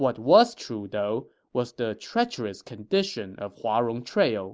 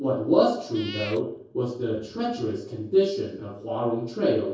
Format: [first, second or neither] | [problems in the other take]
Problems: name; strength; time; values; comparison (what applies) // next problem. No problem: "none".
first | background sound (Meow / Purr); 18 dB below the speech // room echo; dies away in 0.6 s